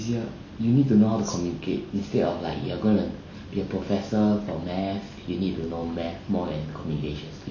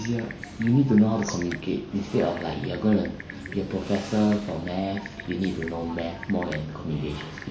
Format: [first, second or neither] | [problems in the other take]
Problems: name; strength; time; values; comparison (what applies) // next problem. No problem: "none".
first | background sound (Typing); 16 dB below the speech